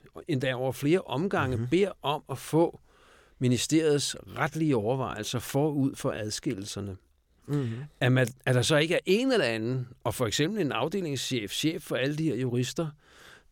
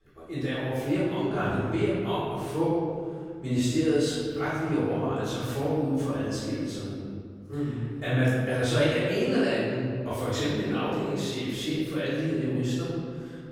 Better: first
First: none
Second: off-mic speech; far // room echo; strong; dies away in 2 s

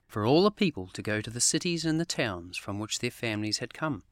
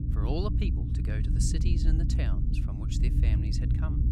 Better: first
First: none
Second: low rumble; loud; throughout; 1 dB below the speech

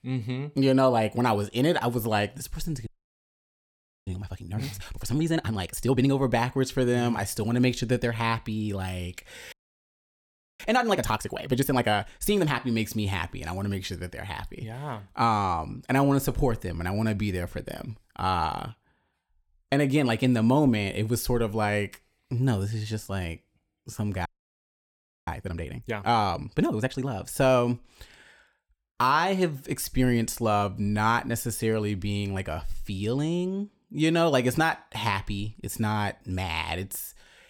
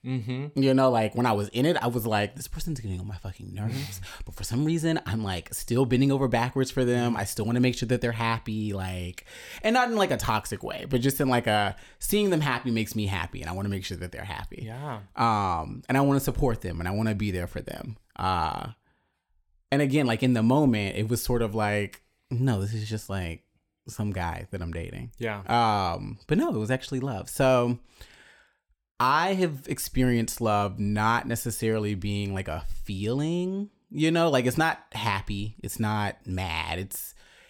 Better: second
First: audio freezing; at 3 s for 1 s, at 9.5 s for 1 s and at 24 s for 1 s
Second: none

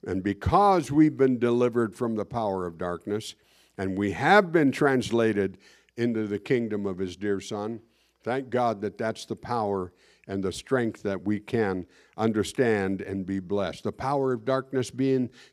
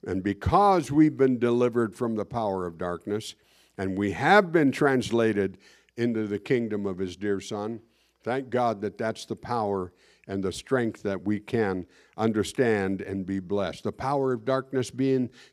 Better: neither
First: none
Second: none

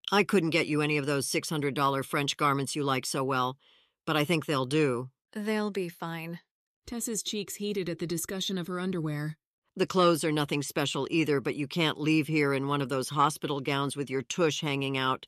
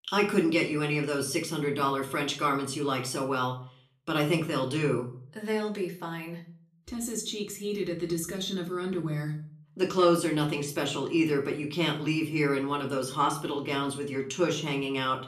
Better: first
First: none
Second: room echo; slight; dies away in 0.4 s // off-mic speech; somewhat distant

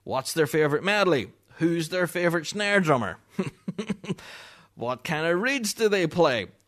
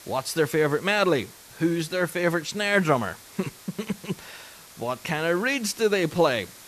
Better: first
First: none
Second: hiss; faint; throughout; 20 dB below the speech

